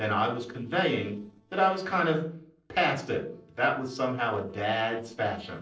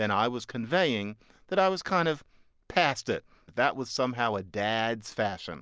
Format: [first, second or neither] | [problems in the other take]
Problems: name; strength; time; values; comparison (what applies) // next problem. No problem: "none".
second | noise reduction (neural separator model SepFormer DNS4)